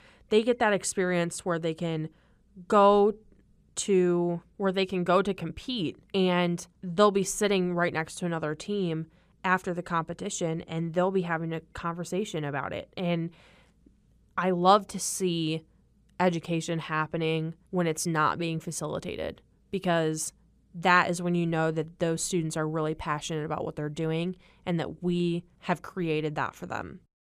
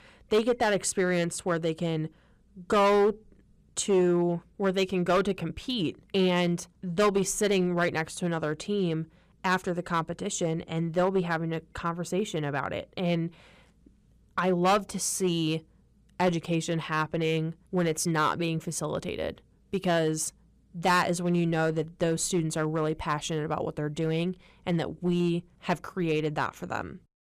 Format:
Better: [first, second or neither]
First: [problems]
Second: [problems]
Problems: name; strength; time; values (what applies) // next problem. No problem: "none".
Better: first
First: none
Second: distortion; slight; 4% of the sound clipped